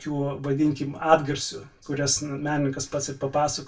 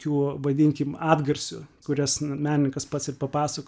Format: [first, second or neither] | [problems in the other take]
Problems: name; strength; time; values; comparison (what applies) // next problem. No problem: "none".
second | room echo; dies away in 0.1 s